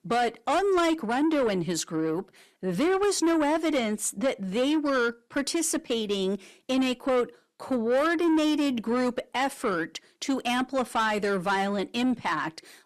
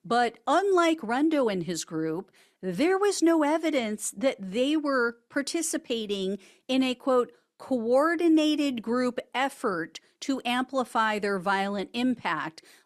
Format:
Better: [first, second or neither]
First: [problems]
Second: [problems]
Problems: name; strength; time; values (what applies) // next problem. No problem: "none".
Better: second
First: distortion; slight; 10 dB below the speech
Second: none